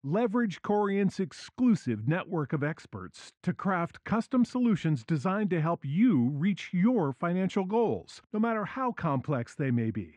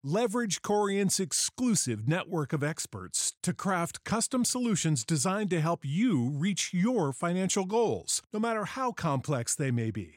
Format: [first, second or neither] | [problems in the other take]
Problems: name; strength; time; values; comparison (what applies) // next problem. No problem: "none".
second | muffled; very; fading above 2 kHz